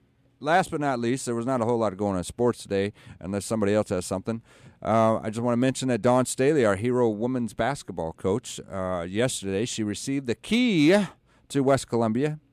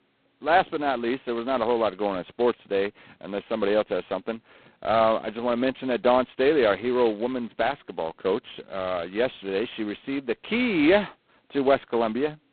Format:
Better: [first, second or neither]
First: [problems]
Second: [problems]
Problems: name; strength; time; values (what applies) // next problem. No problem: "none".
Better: first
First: none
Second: phone-call audio; poor line; nothing above 4 kHz